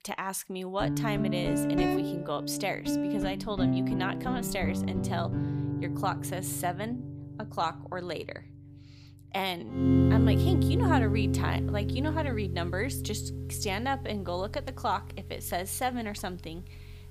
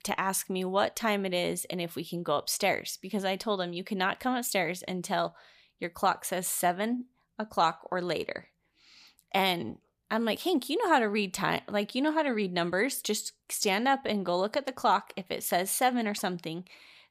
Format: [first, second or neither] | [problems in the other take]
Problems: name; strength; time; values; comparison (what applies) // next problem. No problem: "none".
second | background music; very loud; throughout; 4 dB above the speech